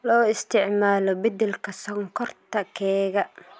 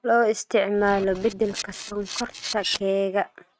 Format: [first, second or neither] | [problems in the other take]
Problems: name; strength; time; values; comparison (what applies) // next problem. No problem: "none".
first | noise reduction (neural mask model RNNoise)